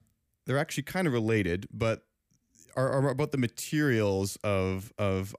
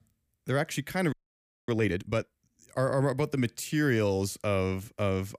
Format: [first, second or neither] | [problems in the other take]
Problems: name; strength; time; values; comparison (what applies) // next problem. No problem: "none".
first | audio freezing; at 1 s for 0.5 s